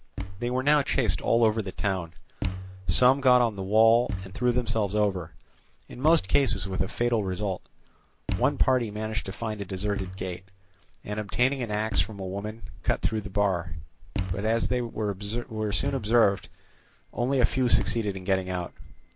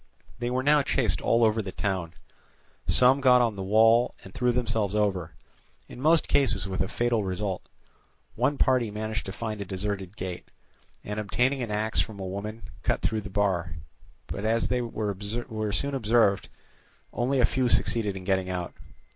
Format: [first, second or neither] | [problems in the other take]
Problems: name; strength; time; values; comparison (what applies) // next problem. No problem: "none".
second | background sound (Thump, thud); 13 dB below the speech